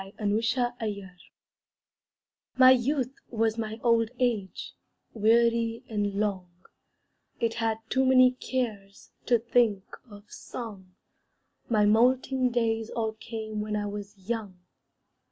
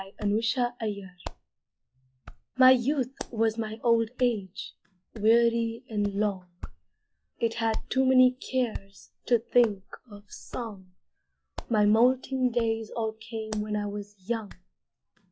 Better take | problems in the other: first | noise reduction (classical method log-MMSE)

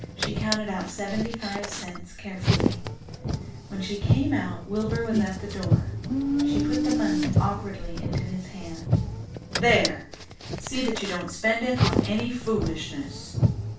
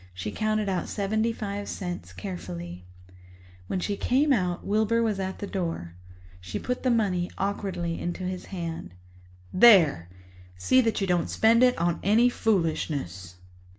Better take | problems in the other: second | background sound (Car); 2 dB above the speech // room echo; dies away in 0.3 s

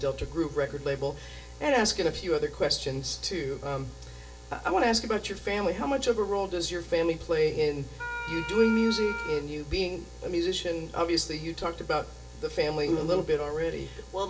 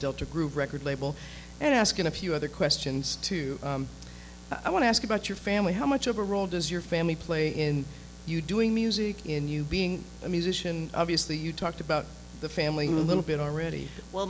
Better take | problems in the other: second | background sound (Wind instrument, woodwind instrument); 7 dB below the speech // room echo; dies away in 0.2 s

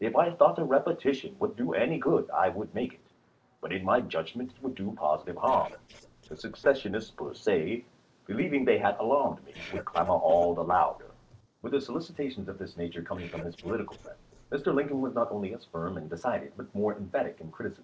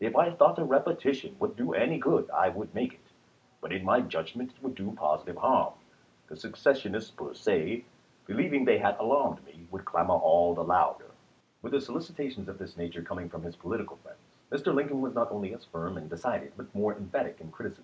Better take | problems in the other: second | noise reduction (neural separator model SepFormer DNS4)

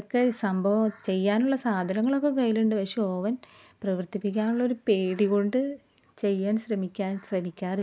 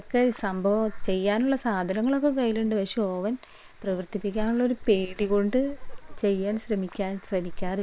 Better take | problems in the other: first | noise reduction (neural separator model SepFormer WHAM!)

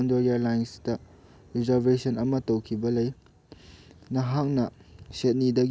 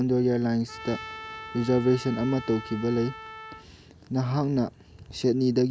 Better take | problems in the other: first | background sound (Trumpet); 15 dB below the speech

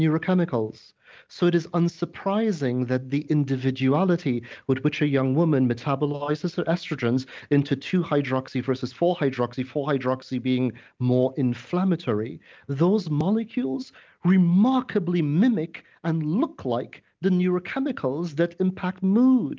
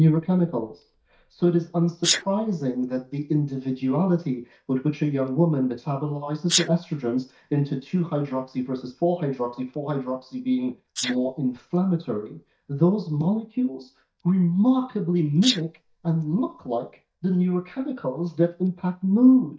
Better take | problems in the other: first | noise reduction (neural mask model DeepFilterNet 3)

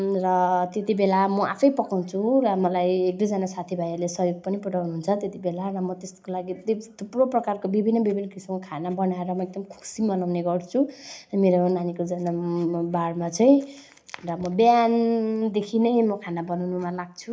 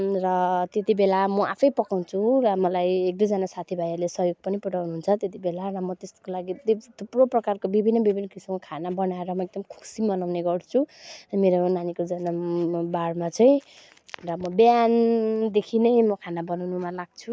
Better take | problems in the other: second | room echo; dies away in 0.4 s

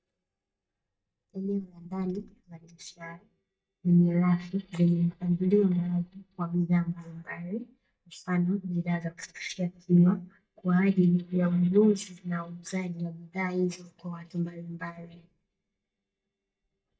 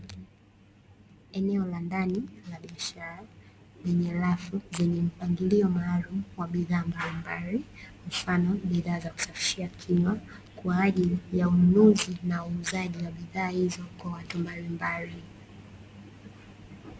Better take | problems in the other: second | noise reduction (neural mask model DeepFilterNet 3)

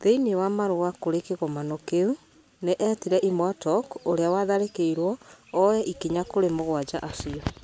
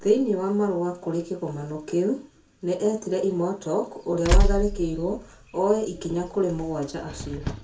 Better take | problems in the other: first | background sound (Tools); 2 dB above the speech // room echo; dies away in 0.3 s

